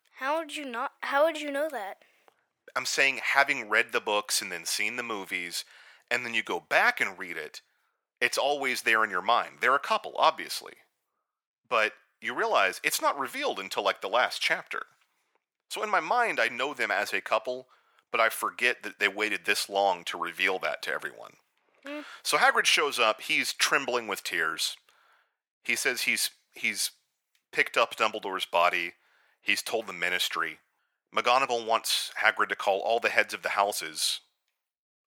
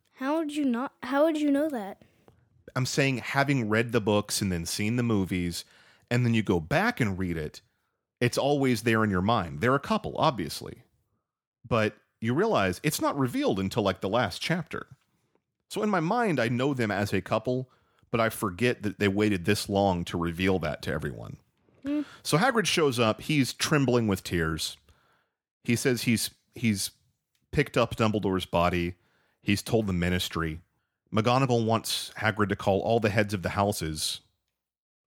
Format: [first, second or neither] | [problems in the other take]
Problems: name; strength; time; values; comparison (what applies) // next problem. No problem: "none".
second | thin; very; fading below 750 Hz